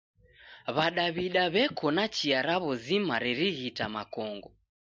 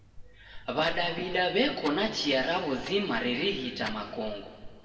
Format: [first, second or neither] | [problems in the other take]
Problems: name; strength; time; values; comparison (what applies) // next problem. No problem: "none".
first | background sound (Clock); 13 dB below the speech // room echo; dies away in 2.1 s